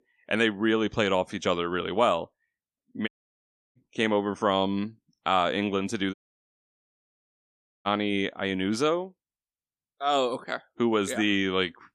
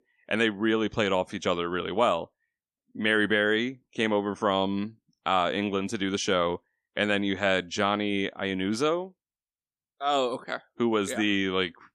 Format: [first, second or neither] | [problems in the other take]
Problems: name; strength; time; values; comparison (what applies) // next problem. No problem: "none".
second | audio cutting out; at 3 s for 0.5 s and at 6 s for 1.5 s